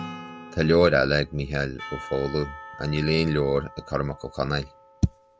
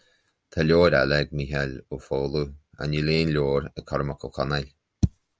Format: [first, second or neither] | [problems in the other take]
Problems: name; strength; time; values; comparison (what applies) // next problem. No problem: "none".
second | background sound (Percussion + Acoustic guitar / Strum); 17 dB below the speech